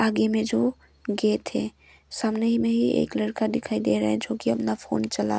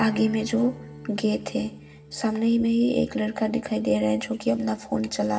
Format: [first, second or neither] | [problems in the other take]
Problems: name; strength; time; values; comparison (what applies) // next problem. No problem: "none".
first | background sound (Strum); 19 dB below the speech // room echo; dies away in 0.7 s